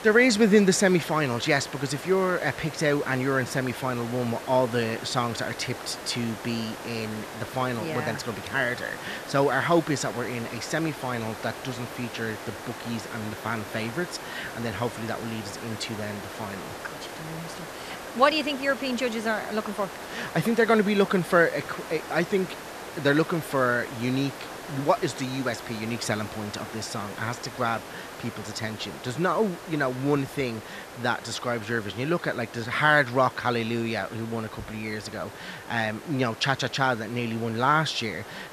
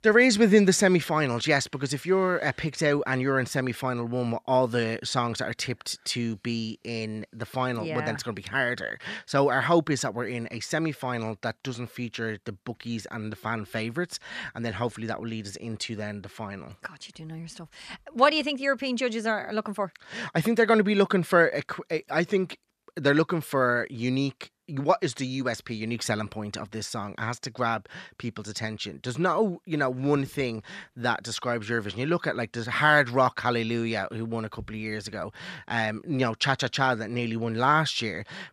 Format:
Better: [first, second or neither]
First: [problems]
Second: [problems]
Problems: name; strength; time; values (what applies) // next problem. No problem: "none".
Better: second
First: hiss; noticeable; throughout; 10 dB below the speech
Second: none